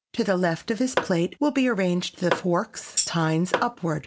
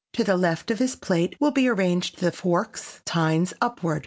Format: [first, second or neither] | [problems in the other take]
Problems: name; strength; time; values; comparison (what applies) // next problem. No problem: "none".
second | background sound (Tap / Hammer + Tambourine); 7 dB below the speech